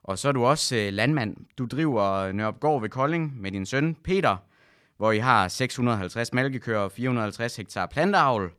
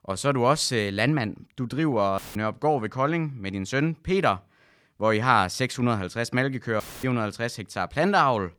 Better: first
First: none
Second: audio cutting out; filled with static; at 2 s and at 7 s

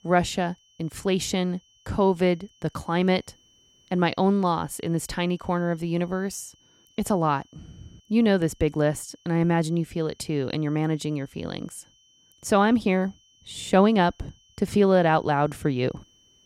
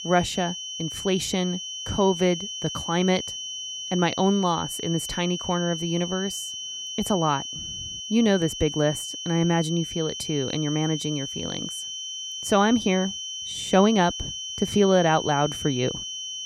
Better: first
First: high-pitched whine; faint; throughout; 3 kHz, 35 dB below the speech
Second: high-pitched whine; loud; throughout; 3 kHz, 7 dB below the speech

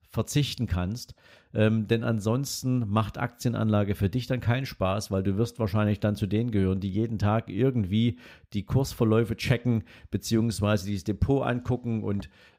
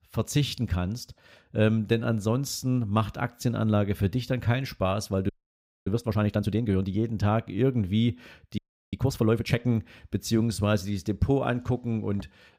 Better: first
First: none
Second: audio freezing; at 5.5 s for 0.5 s and at 8.5 s

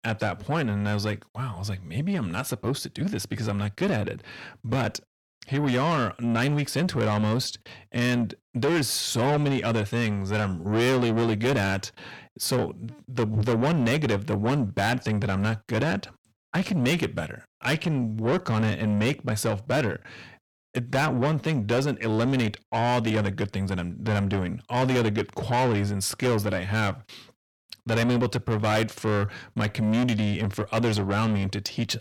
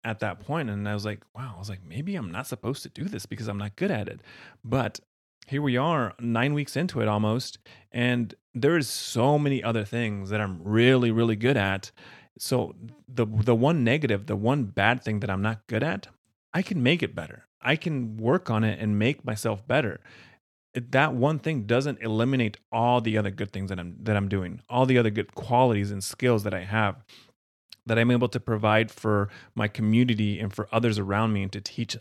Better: second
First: distortion; heavy; 7 dB below the speech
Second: none

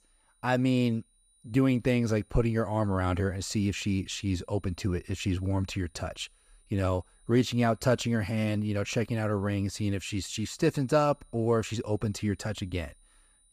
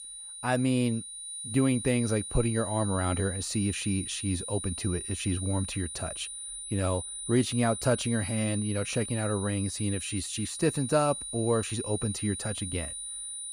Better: first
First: high-pitched whine; faint; throughout; 9.5 kHz, 35 dB below the speech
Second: high-pitched whine; loud; throughout; 9.5 kHz, 6 dB below the speech

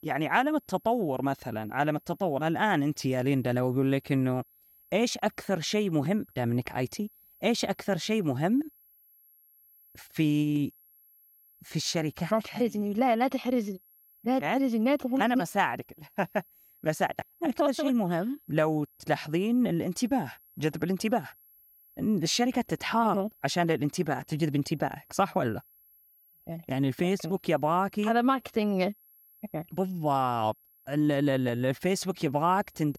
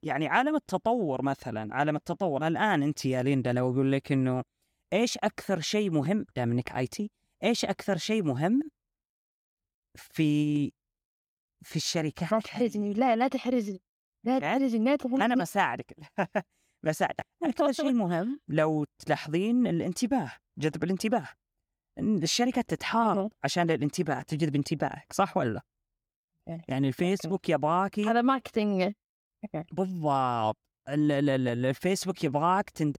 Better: second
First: high-pitched whine; faint; throughout; 11.5 kHz, 30 dB below the speech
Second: none

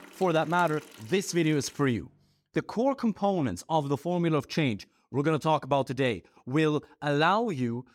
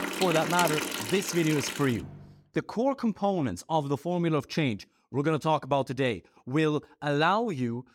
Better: first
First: household noises; faint; until 2 s; 20 dB below the speech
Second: household noises; loud; until 2 s; 3 dB below the speech

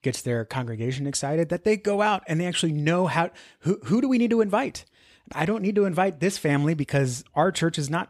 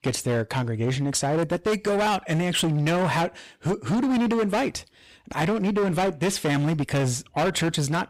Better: first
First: none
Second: distortion; heavy; 23% of the sound clipped

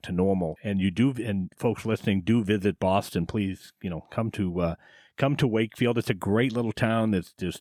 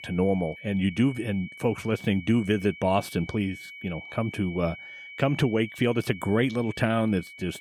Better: first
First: none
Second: high-pitched whine; noticeable; throughout; 2.5 kHz, 15 dB below the speech

